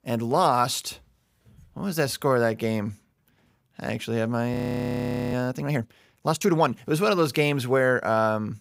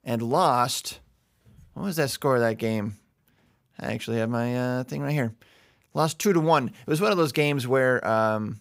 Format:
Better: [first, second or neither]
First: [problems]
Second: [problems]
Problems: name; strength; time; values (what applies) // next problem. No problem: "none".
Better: second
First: audio freezing; at 4.5 s for 1 s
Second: none